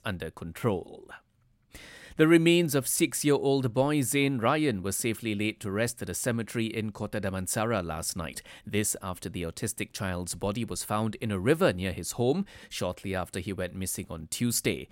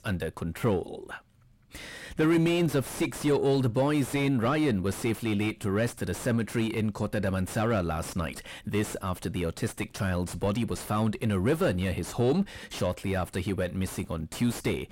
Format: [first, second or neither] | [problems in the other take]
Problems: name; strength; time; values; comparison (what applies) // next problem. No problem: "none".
first | distortion; heavy; 6 dB below the speech